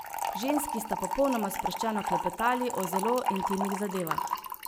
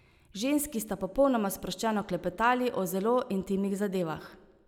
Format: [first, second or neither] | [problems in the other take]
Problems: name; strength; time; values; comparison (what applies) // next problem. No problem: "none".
second | background sound (Fill (with liquid) / Trickle, dribble); 2 dB below the speech